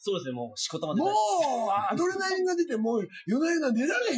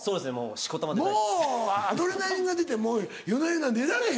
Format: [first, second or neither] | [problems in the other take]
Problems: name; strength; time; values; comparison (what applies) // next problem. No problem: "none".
second | noise reduction (classical method Wiener filter)